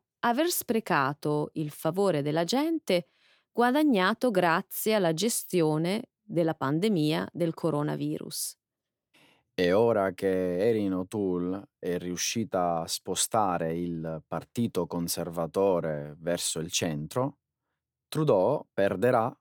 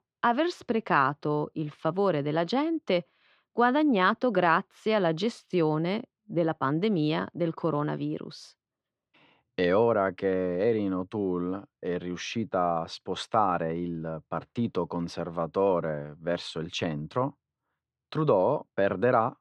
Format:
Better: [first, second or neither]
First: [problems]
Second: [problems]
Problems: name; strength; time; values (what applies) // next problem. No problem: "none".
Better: first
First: none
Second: muffled; slightly; fading above 4 kHz